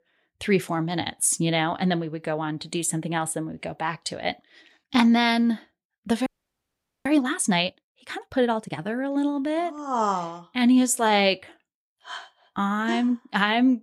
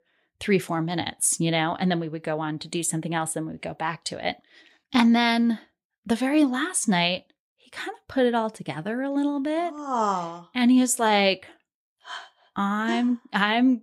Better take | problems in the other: second | audio freezing; at 6.5 s for 1 s

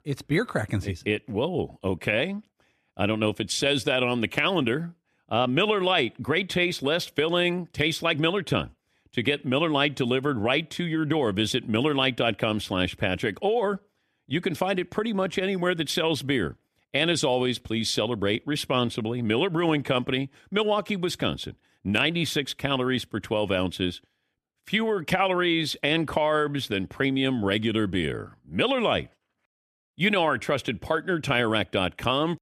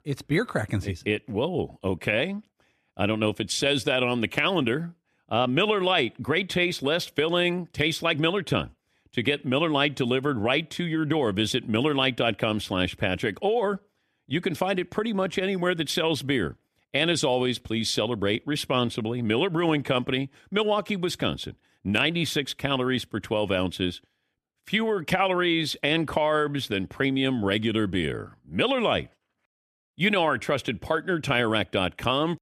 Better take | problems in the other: neither | none

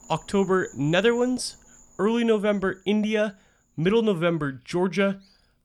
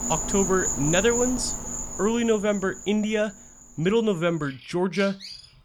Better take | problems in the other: first | animal sounds; loud; throughout; 4 dB below the speech; faint in the first

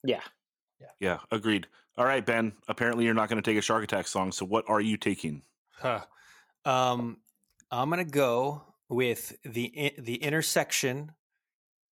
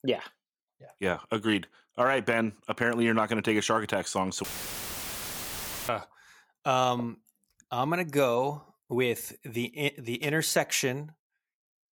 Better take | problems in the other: first | audio cutting out; filled with static; at 4.5 s for 1.5 s

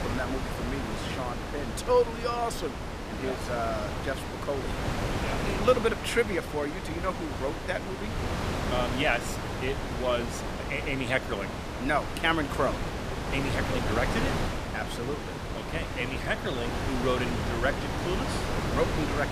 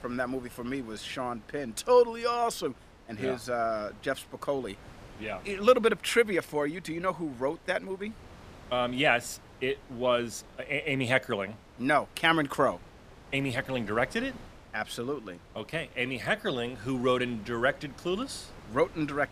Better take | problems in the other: second | wind noise on the microphone; heavy; 3 dB below the speech; occasional gusts in the second

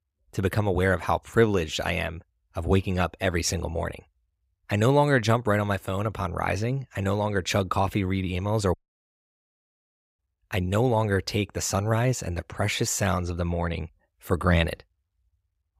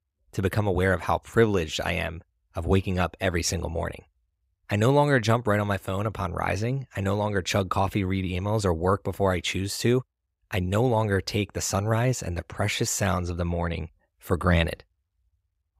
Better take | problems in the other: second | audio cutting out; at 8.5 s for 1.5 s

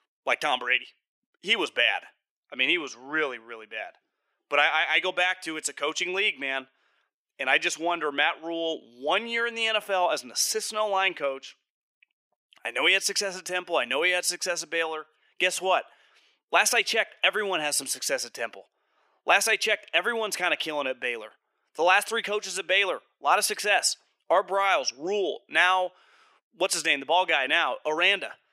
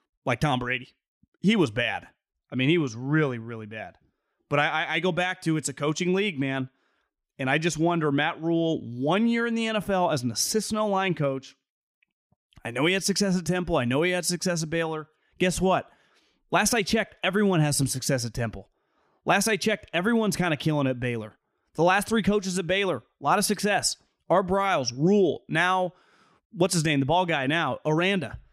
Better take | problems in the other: second | thin; very; fading below 450 Hz

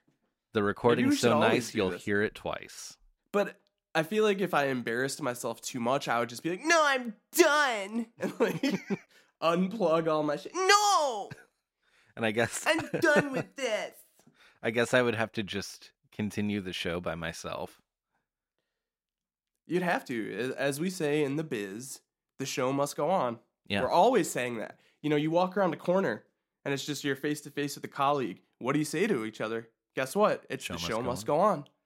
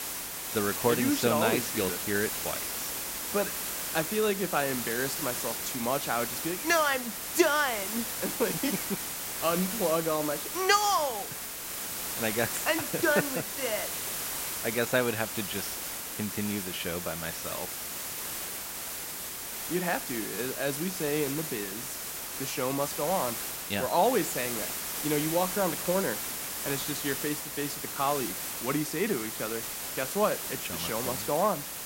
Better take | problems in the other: first | hiss; loud; throughout; 2 dB below the speech

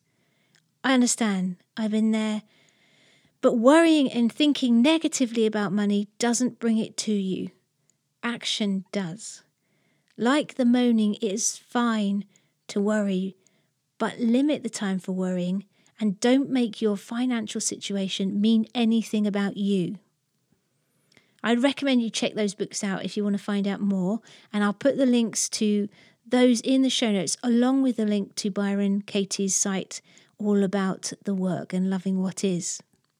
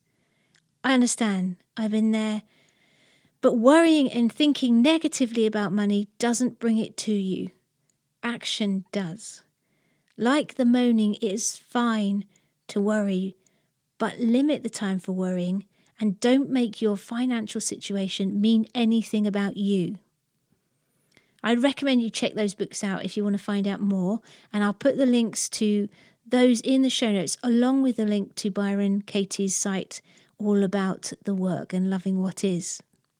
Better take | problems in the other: first | garbled, watery; slightly

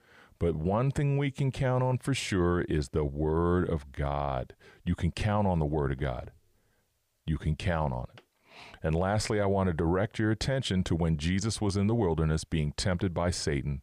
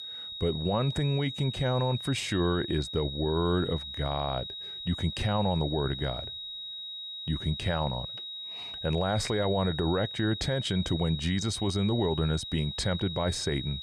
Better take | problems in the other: first | high-pitched whine; loud; throughout; 4 kHz, 7 dB below the speech

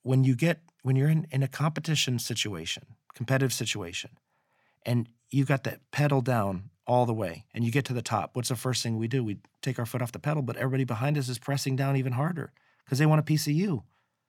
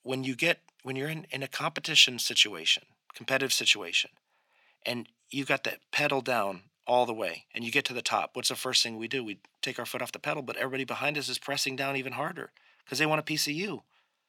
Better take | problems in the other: first | thin; somewhat; fading below 350 Hz

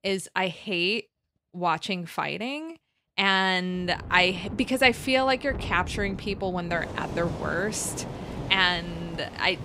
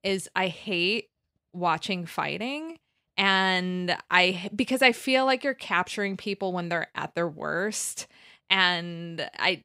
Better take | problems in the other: second | rain or running water; noticeable; from 4 s on; 10 dB below the speech

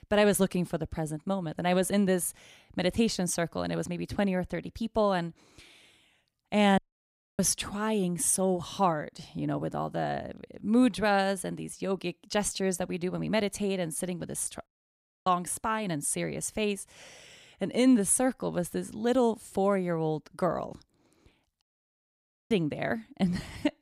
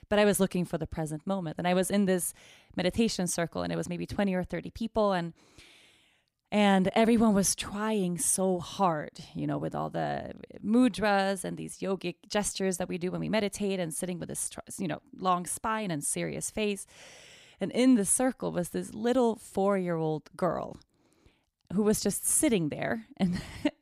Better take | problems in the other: second | audio cutting out; at 7 s for 0.5 s, at 15 s for 0.5 s and at 22 s for 1 s

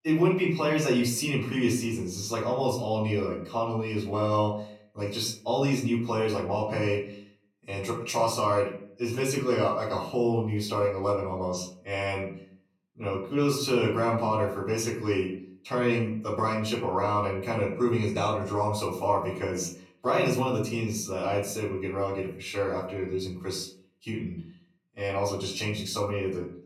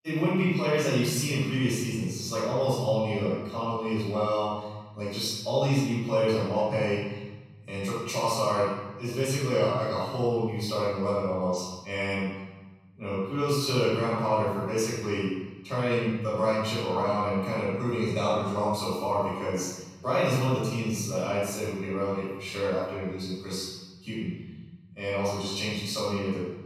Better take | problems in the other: first | room echo; strong; dies away in 1.2 s; slight in the first // off-mic speech; far; far in the first

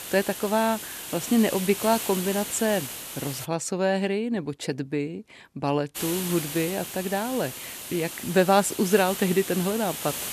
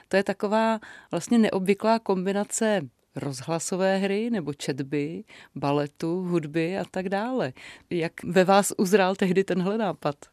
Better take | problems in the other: second | hiss; loud; until 3.5 s and from 6 s on; 7 dB below the speech

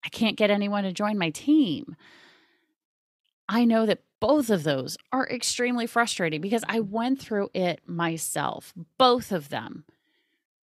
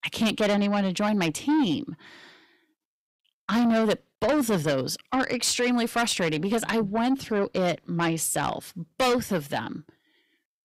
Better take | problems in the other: first | distortion; heavy; 7 dB below the speech

